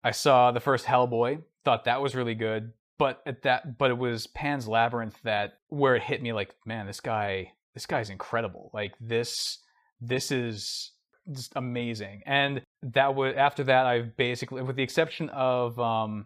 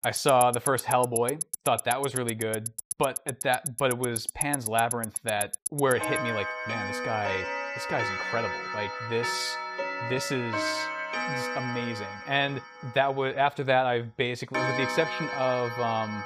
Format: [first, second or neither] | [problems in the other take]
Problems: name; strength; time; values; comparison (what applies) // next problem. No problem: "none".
first | household noises; loud; throughout; 3 dB below the speech